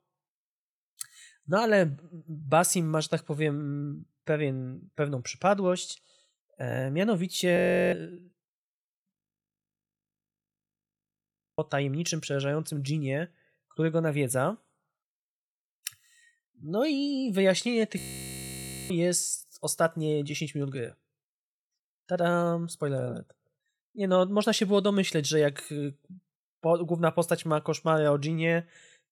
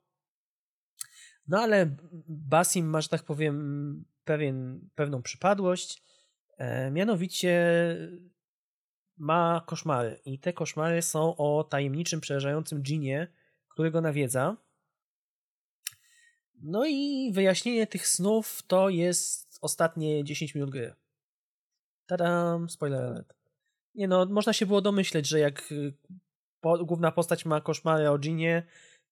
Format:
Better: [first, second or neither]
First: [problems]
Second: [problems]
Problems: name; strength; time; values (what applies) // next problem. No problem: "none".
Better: second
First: audio freezing; at 7.5 s, at 9 s for 2.5 s and at 18 s for 1 s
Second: none